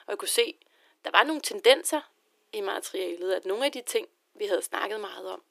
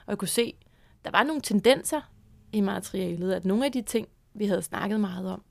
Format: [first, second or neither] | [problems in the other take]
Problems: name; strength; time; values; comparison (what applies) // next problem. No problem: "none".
second | thin; very; fading below 300 Hz